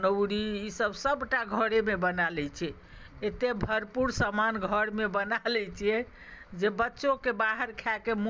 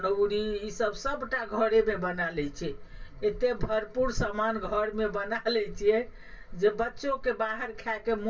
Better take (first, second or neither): first